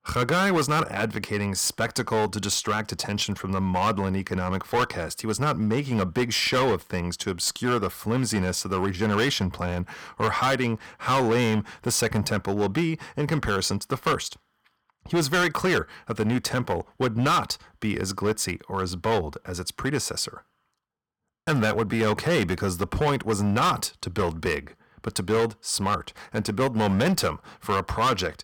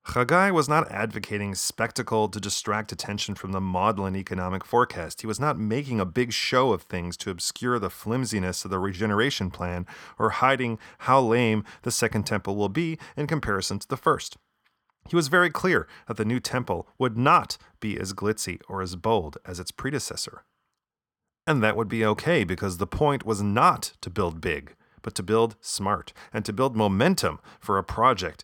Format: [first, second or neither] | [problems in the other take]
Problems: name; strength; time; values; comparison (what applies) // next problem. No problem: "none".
second | distortion; heavy; 9% of the sound clipped